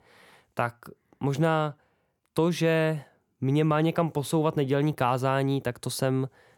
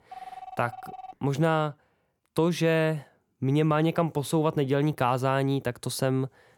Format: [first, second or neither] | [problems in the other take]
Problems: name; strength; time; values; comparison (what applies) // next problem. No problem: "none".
first | phone ringing; faint; until 1 s; peak 15 dB below the speech